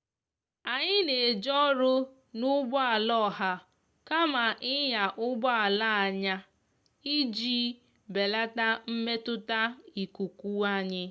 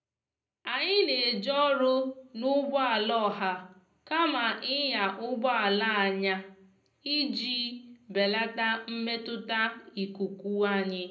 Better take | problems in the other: first | room echo; dies away in 0.5 s

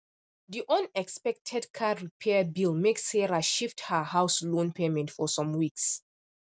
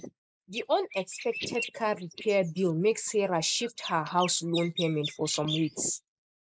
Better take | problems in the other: first | noise reduction (neural mask model Resemble Enhance denoiser)

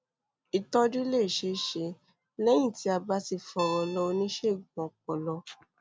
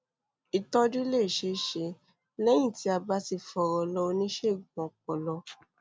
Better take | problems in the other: second | background sound (Guitar); 15 dB below the speech

